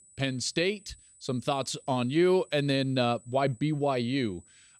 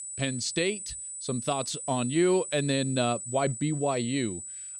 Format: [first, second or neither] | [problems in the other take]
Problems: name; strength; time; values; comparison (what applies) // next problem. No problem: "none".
first | high-pitched whine; loud; throughout; 8 kHz, 8 dB below the speech; faint in the first